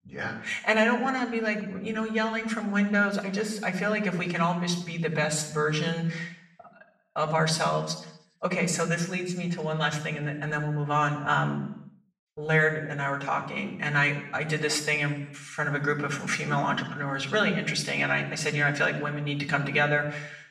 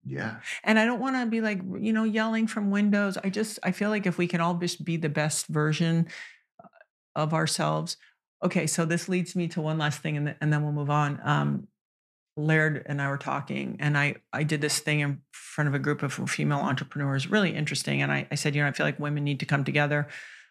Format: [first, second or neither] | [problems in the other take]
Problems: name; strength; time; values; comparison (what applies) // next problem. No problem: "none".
second | room echo; slight; dies away in 0.7 s // off-mic speech; far